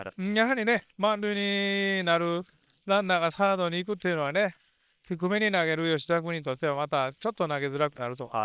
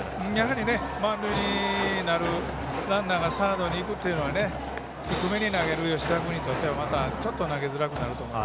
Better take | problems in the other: second | noise reduction (neural separator model SepFormer WHAM!)

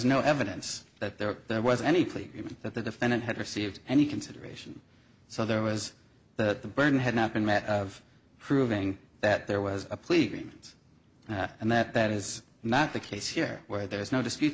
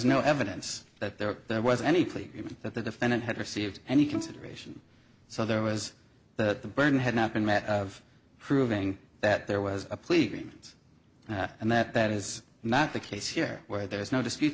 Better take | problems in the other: first | background sound (Bowed string instrument); 15 dB below the speech

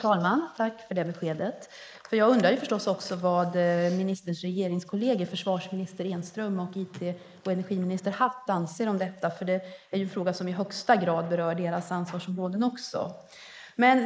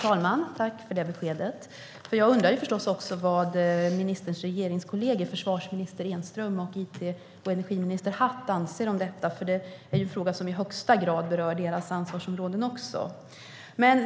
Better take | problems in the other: second | noise reduction (neural mask model Resemble Enhance denoiser)

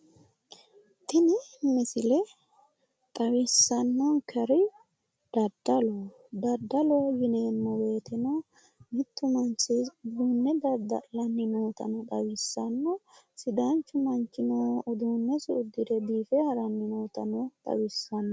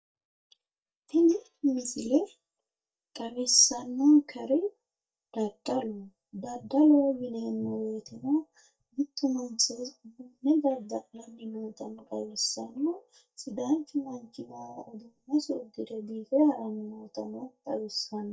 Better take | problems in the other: first | noise reduction (neural mask model DeepFilterNet 3)

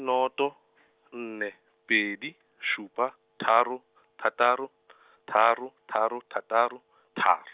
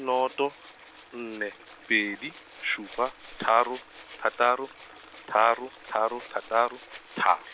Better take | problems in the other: first | background sound (Stream + Rattle (instrument)); 19 dB below the speech

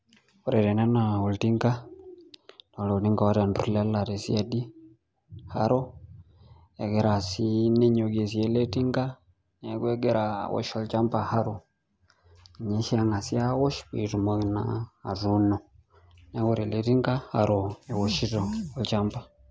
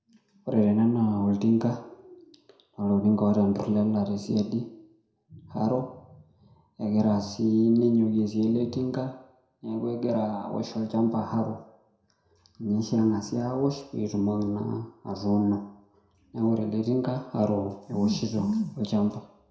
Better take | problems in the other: first | room echo; dies away in 0.5 s

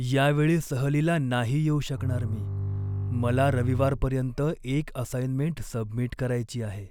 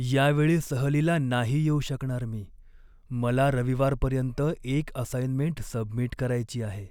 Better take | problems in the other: second | background sound (Bowed string instrument); 5 dB below the speech

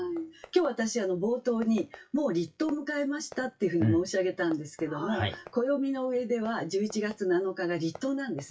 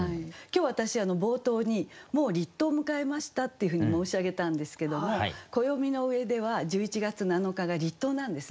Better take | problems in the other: second | noise reduction (classical method WPE with log-MMSE)

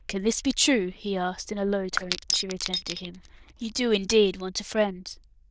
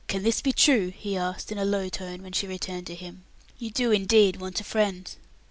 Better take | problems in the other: second | noise reduction (neural diffusion model UNIVERSE++)

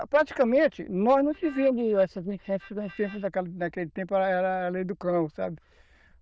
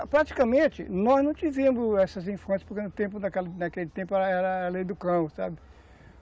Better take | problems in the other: second | noise reduction (neural diffusion model UNIVERSE++)

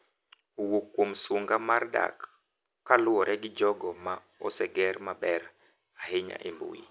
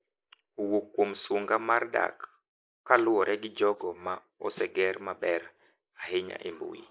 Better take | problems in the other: first | noise reduction (neural mask model Resemble Enhance denoiser)

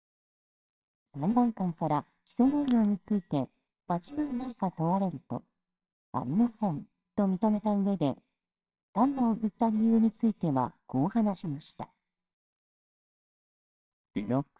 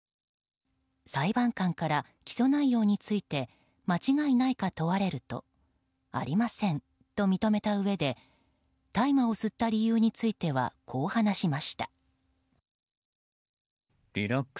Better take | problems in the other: second | noise reduction (neural separator model SepFormer WHAMR!)

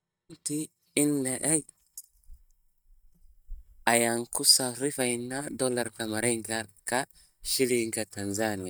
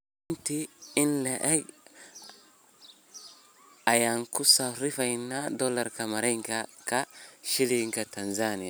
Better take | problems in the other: second | noise reduction (neural mask model DeepFilterNet 3)

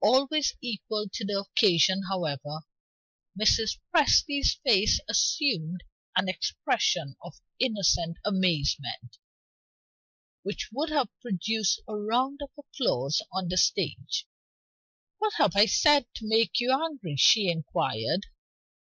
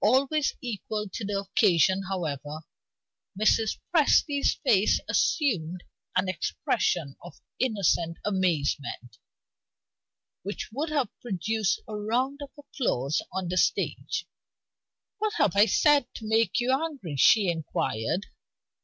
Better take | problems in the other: second | noise reduction (neural mask model Resemble Enhance denoiser)

